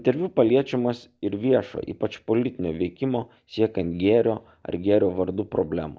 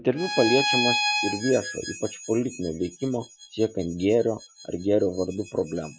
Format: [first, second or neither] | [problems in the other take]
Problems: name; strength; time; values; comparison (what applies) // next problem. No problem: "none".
first | noise reduction (classical method Wiener filter)